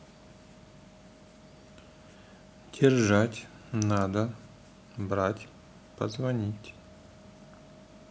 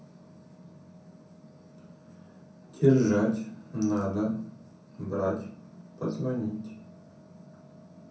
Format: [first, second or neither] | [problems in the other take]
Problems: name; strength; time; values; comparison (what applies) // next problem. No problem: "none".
first | room echo; dies away in 0.6 s